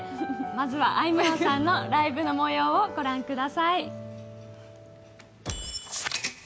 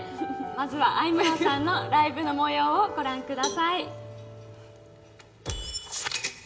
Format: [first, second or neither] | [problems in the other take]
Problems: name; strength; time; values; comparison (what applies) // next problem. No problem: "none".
first | background sound (Cowbell); 13 dB below the speech // room echo; dies away in 1.7 s